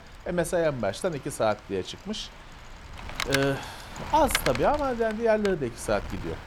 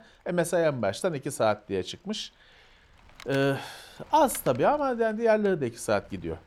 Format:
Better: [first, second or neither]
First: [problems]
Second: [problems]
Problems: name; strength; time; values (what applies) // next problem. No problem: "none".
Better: second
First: wind noise on the microphone; heavy; 7 dB below the speech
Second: wind noise on the microphone; occasional gusts; 25 dB below the speech